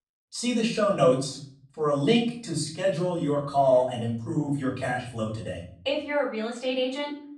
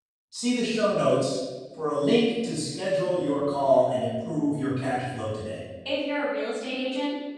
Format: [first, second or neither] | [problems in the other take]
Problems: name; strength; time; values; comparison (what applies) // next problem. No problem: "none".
first | room echo; strong; dies away in 1 s; slight in the first // off-mic speech; far; far in the first